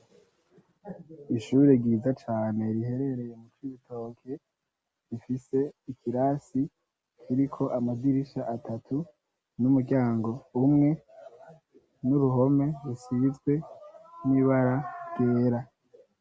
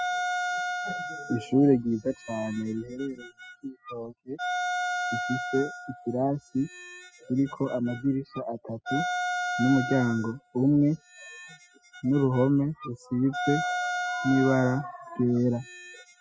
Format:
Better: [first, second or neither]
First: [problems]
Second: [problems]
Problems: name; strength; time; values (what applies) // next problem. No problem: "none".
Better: first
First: none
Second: noise reduction (classical method spectral subtraction)